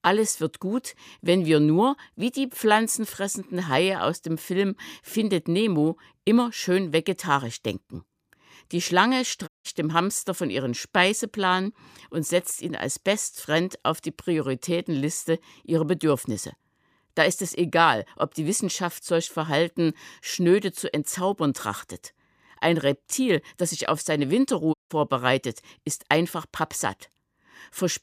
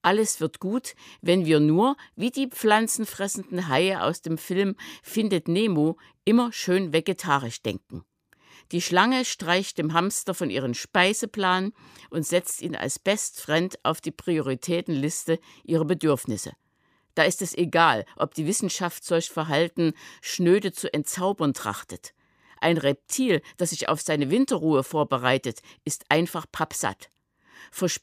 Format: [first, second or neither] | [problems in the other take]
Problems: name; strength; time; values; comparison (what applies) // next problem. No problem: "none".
second | audio cutting out; at 9.5 s and at 25 s